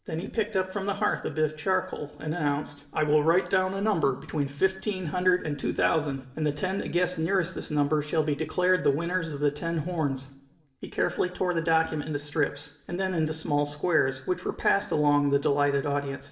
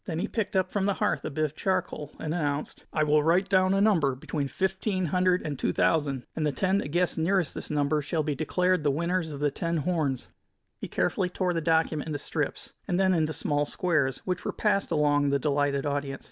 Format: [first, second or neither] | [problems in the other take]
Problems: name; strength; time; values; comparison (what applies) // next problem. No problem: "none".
second | room echo; dies away in 0.6 s